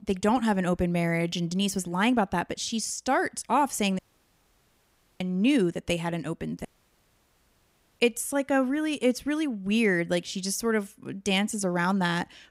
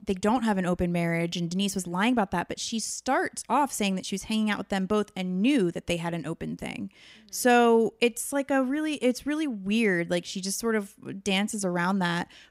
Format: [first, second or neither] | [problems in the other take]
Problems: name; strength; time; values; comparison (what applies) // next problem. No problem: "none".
second | audio cutting out; at 4 s for 1 s and at 6.5 s for 1.5 s